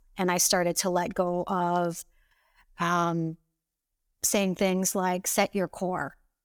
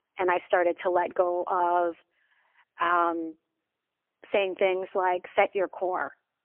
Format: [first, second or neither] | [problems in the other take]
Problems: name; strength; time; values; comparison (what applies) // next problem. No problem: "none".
first | phone-call audio; poor line; nothing above 3 kHz